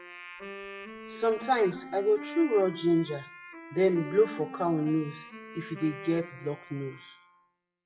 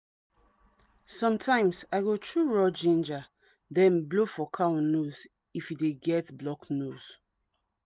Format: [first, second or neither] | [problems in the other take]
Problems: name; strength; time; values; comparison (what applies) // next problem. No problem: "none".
second | noise reduction (classical method WPE with log-MMSE)